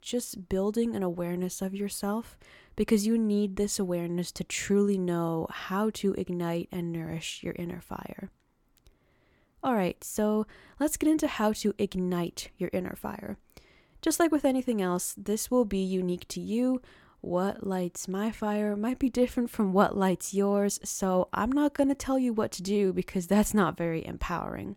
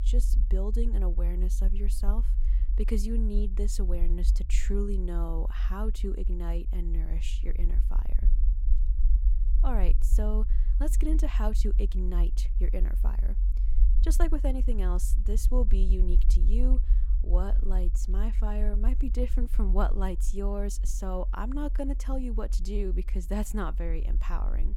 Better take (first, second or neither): first